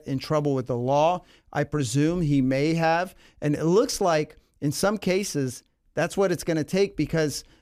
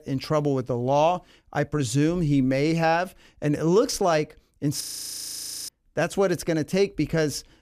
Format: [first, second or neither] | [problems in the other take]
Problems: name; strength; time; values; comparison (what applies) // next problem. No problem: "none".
first | audio freezing; at 5 s for 1 s